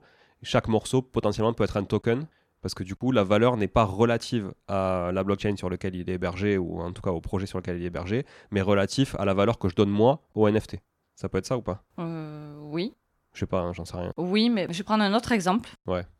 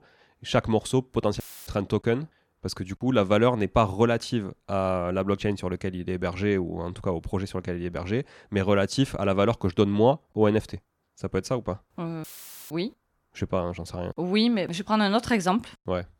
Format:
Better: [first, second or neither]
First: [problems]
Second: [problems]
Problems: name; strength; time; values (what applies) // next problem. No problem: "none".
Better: first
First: none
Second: audio cutting out; filled with static; at 1.5 s and at 12 s